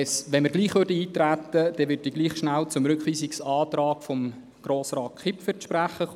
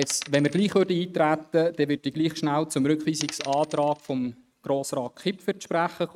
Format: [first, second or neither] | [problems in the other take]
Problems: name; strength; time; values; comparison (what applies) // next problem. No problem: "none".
first | noise reduction (neural mask model RNNoise)